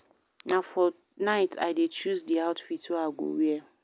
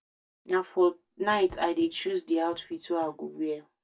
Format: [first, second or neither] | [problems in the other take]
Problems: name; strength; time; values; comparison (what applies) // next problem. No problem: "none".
first | noise reduction (neural mask model DeepFilterNet 3)